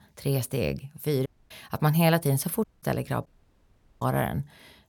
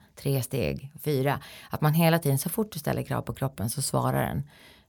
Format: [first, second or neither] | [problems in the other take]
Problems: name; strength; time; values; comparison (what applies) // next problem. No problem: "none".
second | audio cutting out; at 1.5 s, at 2.5 s and at 3.5 s for 1 s